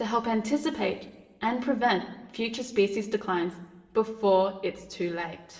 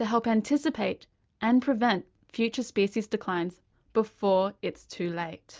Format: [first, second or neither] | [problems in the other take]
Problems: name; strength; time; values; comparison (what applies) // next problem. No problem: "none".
second | room echo; dies away in 0.9 s